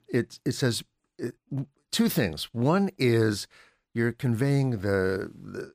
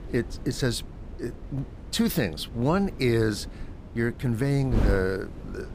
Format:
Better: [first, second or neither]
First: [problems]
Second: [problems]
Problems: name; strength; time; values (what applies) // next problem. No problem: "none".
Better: first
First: none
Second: wind noise on the microphone; occasional gusts; 15 dB below the speech